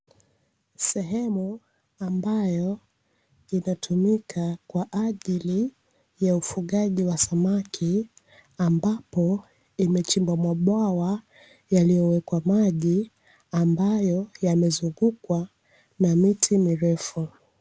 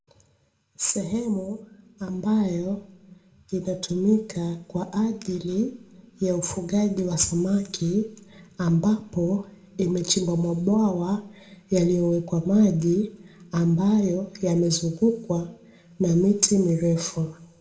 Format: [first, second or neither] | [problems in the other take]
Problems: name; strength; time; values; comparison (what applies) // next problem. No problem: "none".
first | room echo; dies away in 0.4 s